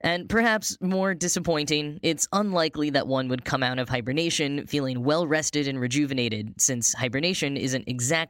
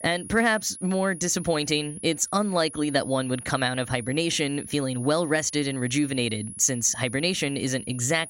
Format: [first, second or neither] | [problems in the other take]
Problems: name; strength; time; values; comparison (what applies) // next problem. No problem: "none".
first | high-pitched whine; noticeable; throughout; 10.5 kHz, 15 dB below the speech